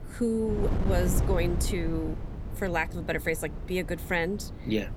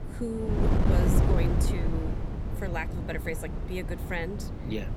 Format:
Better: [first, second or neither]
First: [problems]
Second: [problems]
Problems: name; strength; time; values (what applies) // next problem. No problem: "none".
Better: first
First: wind noise on the microphone; occasional gusts; 10 dB below the speech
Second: wind noise on the microphone; heavy; 1 dB below the speech